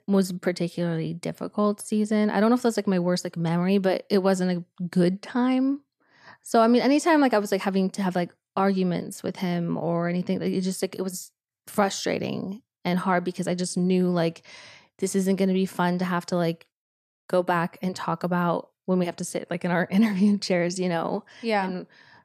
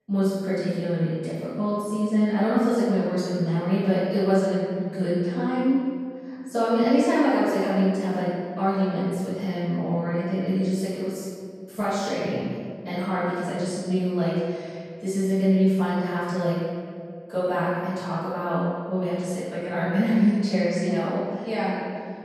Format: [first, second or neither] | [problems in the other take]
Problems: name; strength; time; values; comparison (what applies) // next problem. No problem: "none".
first | off-mic speech; far // room echo; strong; dies away in 1.9 s